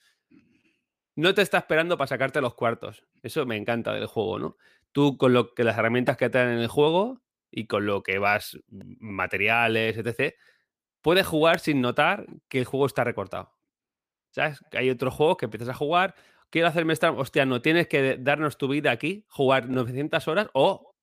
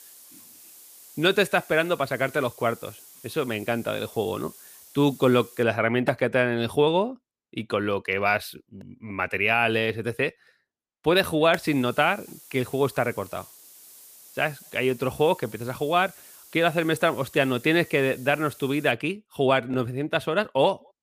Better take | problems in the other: first | hiss; faint; until 5.5 s and from 12 to 19 s; 20 dB below the speech

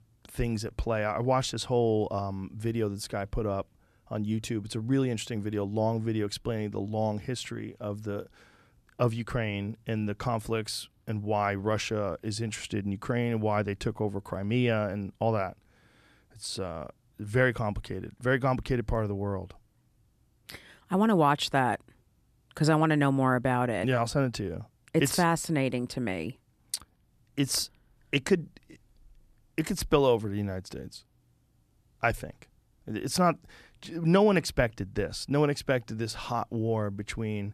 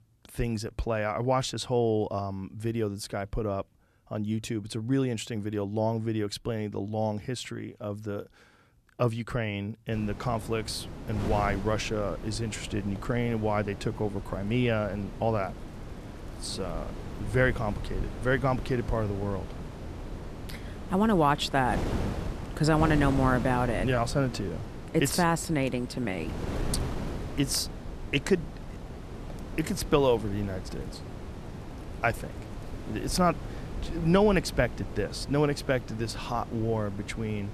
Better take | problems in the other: first | wind noise on the microphone; occasional gusts; from 10 s on; 15 dB below the speech

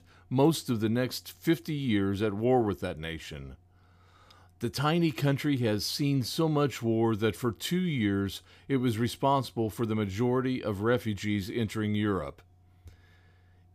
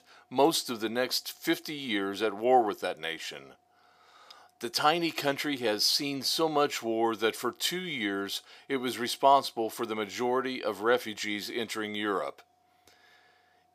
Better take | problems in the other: first | thin; somewhat; fading below 450 Hz

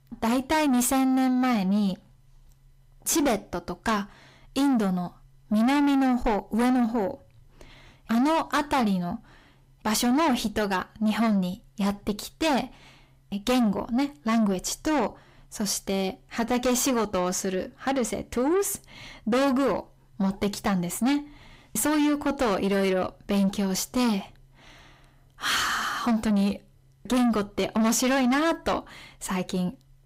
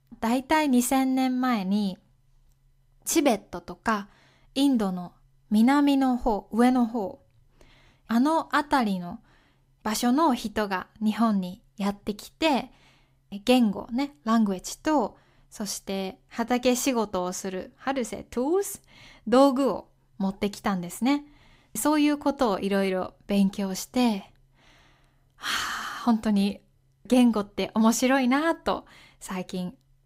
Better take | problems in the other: second | distortion; heavy; 7 dB below the speech

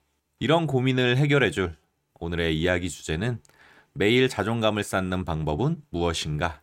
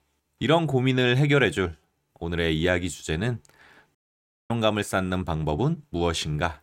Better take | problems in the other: first | audio cutting out; at 4 s for 0.5 s

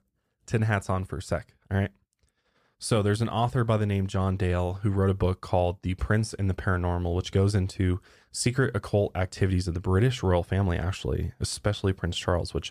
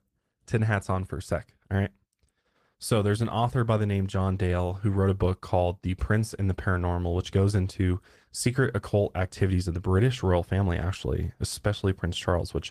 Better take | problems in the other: first | garbled, watery; slightly

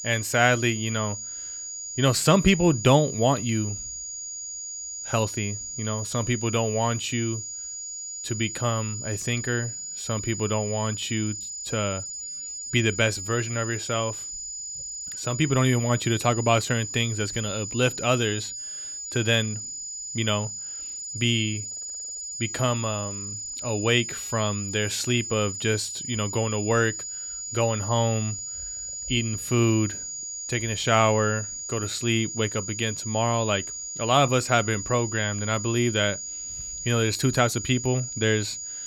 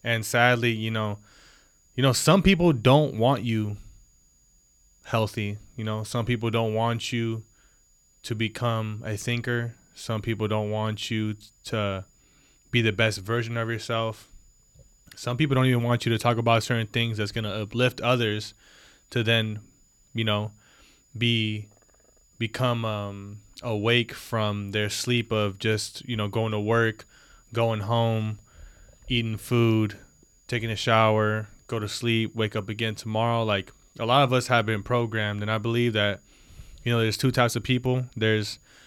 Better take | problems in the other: second | high-pitched whine; loud; throughout; 7 kHz, 7 dB below the speech; faint in the second

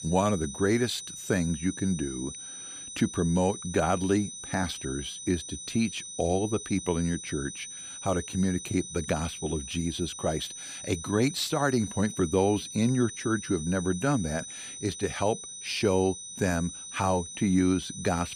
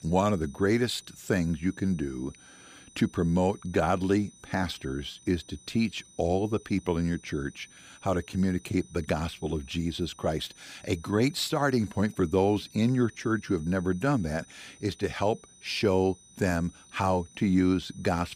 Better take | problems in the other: second | high-pitched whine; loud; throughout; 6 kHz, 9 dB below the speech; faint in the second

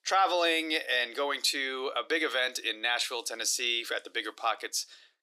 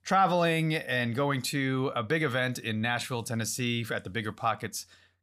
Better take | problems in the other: second | thin; very; fading below 300 Hz

